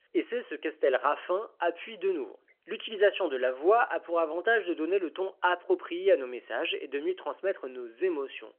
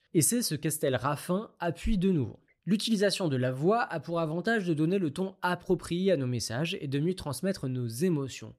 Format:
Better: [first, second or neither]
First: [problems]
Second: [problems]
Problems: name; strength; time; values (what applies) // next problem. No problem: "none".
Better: second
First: phone-call audio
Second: none